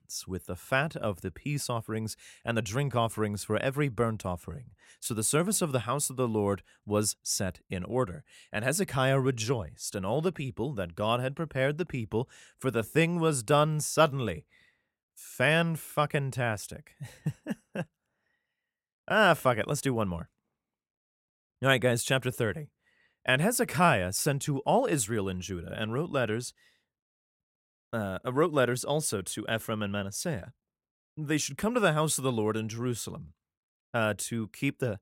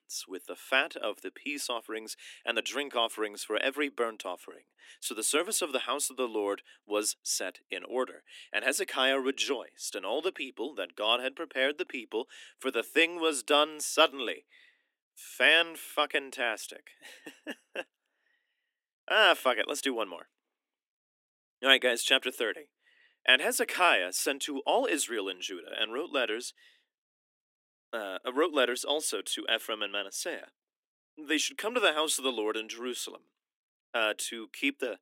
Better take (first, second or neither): first